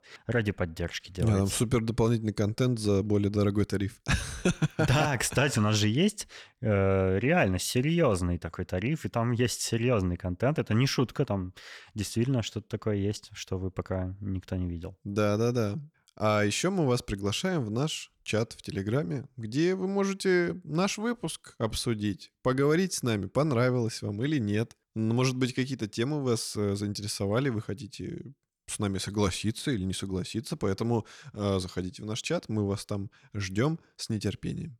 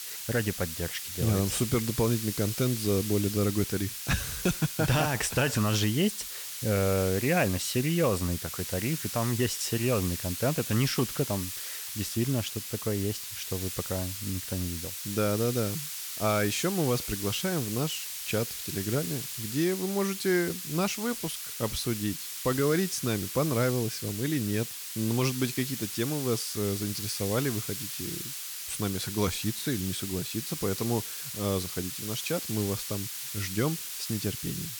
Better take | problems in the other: first | hiss; loud; throughout; 5 dB below the speech

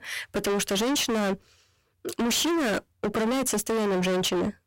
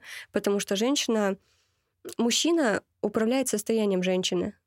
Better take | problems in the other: second | distortion; heavy; 34% of the sound clipped

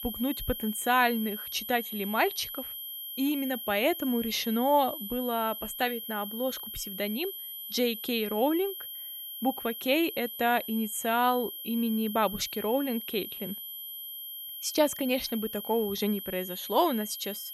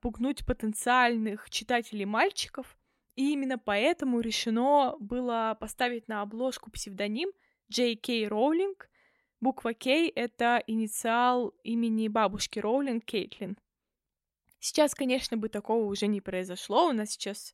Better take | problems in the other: second | high-pitched whine; loud; throughout; 11.5 kHz, 7 dB below the speech

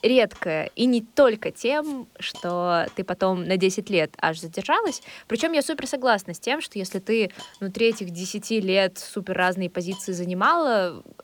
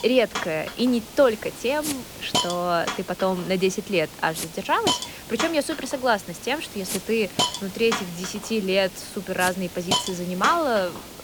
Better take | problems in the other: first | hiss; loud; throughout; 5 dB below the speech; faint in the first

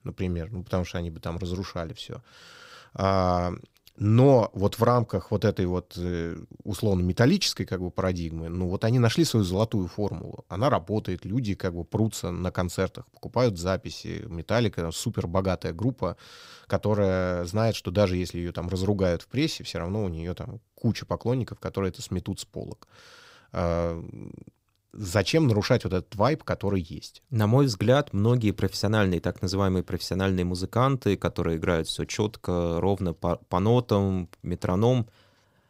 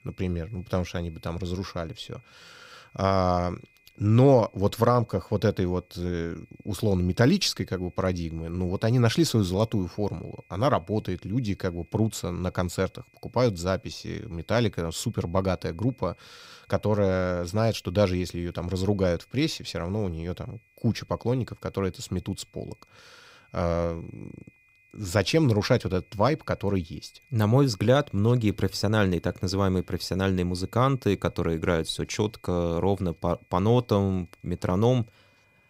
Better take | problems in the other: first | high-pitched whine; faint; throughout; 2.5 kHz, 35 dB below the speech

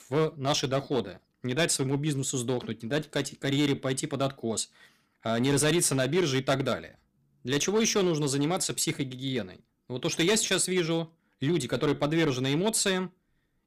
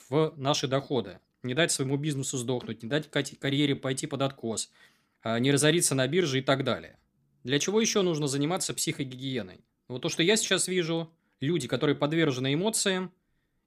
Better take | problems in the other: second | distortion; slight; 5% of the sound clipped

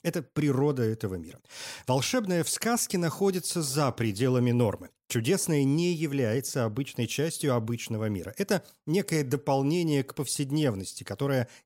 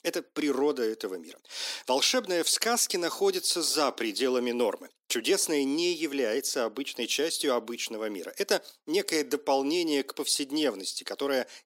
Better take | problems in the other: first | thin; somewhat; fading below 300 Hz

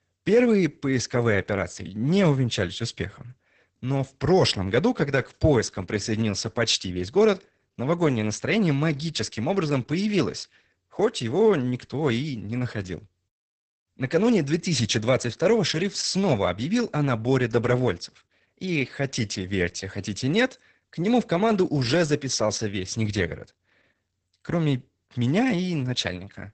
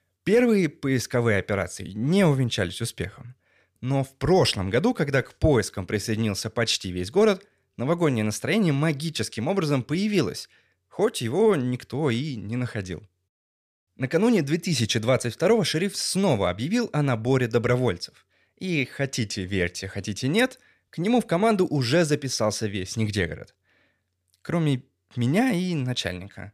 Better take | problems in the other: second | garbled, watery; badly; nothing above 8 kHz

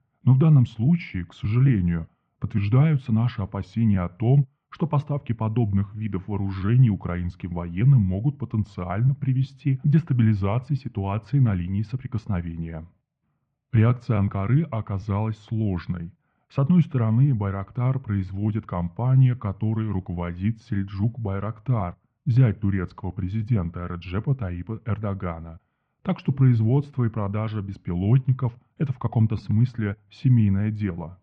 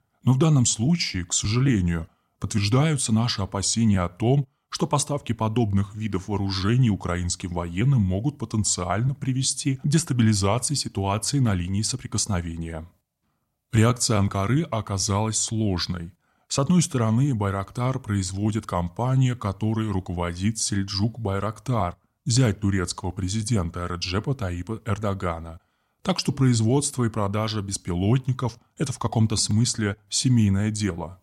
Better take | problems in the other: second | muffled; very; fading above 2.5 kHz

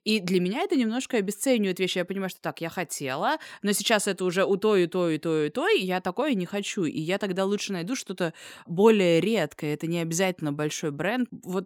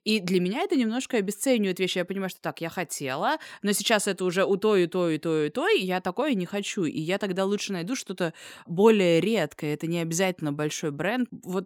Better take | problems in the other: neither | none

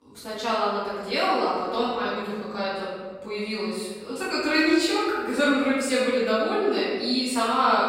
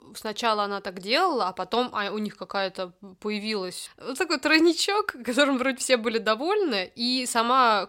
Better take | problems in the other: second | off-mic speech; far // room echo; strong; dies away in 1.5 s

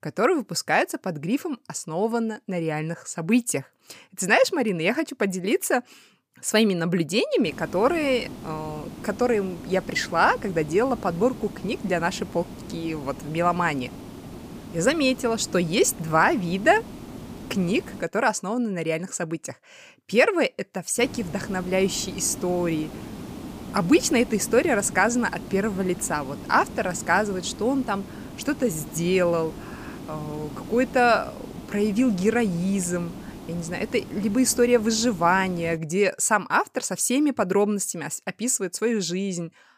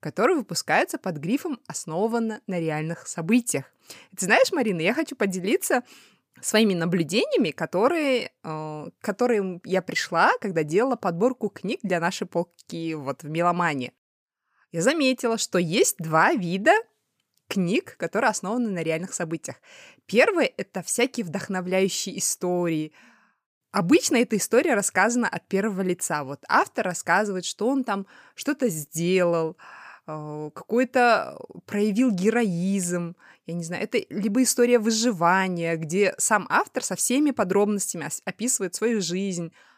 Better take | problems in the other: second | hiss; noticeable; from 7.5 to 18 s and from 21 to 36 s; 15 dB below the speech

